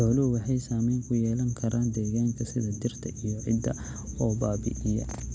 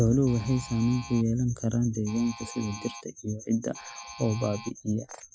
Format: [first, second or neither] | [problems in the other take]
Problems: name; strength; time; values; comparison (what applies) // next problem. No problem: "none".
first | noise reduction (classical method Wiener filter)